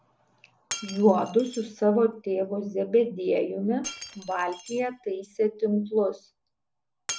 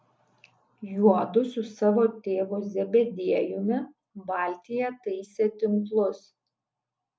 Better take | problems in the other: second | background sound (Shatter); 17 dB below the speech

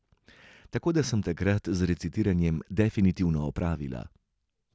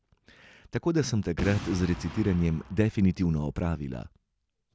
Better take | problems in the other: first | background sound (Boom); 12 dB below the speech

